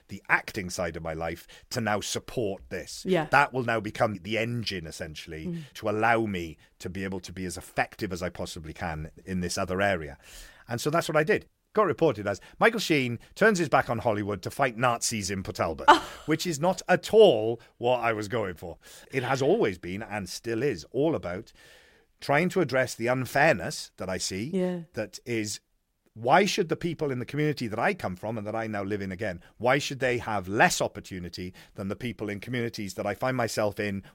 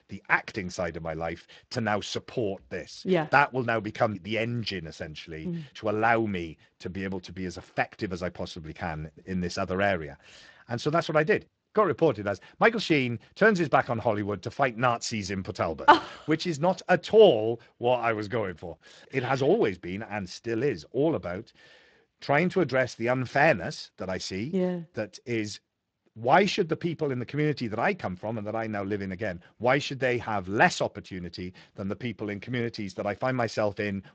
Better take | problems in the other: first | garbled, watery; slightly; nothing above 7.5 kHz

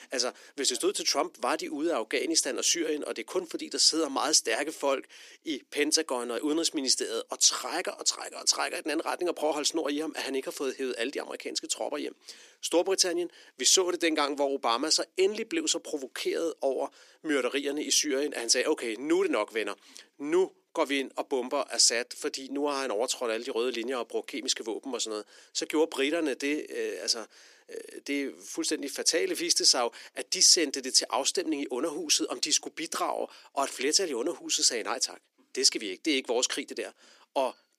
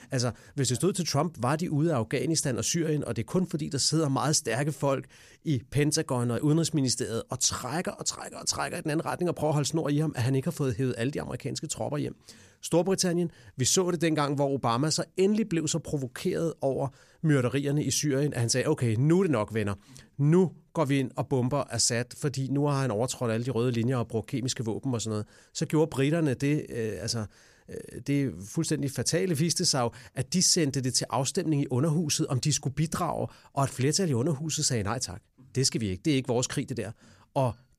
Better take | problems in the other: second | thin; somewhat; fading below 300 Hz

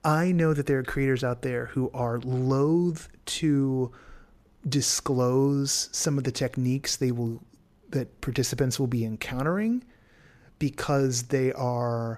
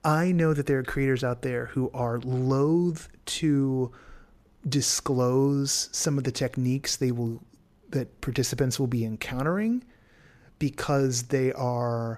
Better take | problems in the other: neither | none

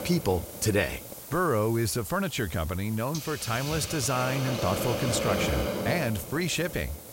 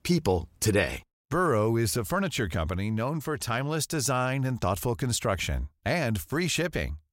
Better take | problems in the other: second | hiss; loud; throughout; 6 dB below the speech

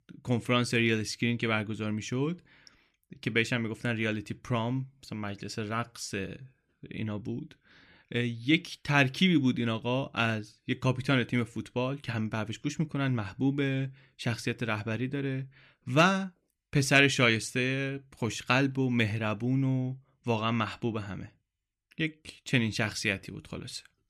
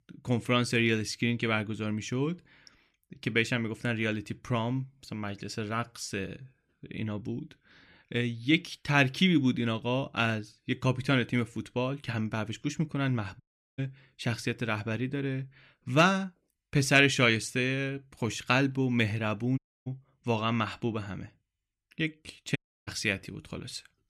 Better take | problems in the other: first | audio cutting out; at 13 s, at 20 s and at 23 s

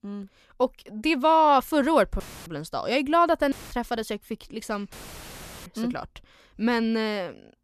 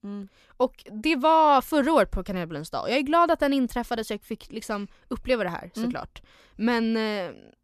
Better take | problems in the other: second | audio cutting out; filled with static; at 2 s, at 3.5 s and at 5 s for 0.5 s

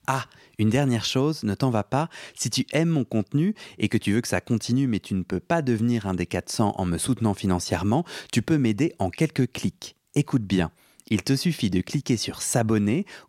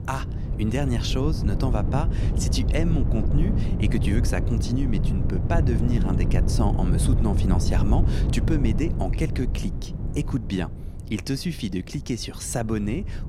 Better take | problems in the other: first | wind noise on the microphone; heavy; 5 dB below the speech

